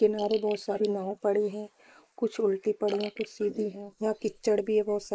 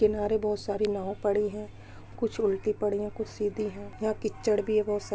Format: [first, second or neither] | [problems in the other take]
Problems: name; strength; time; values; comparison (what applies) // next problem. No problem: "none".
second | noise reduction (neural mask model Resemble Enhance denoiser)